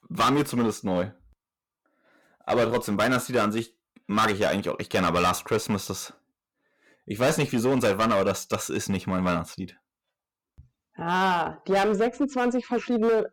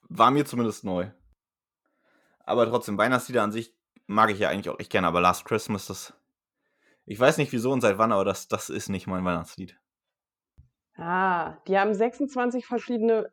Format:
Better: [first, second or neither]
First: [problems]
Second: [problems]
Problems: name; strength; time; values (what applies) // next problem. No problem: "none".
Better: second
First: distortion; heavy; 9% of the sound clipped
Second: none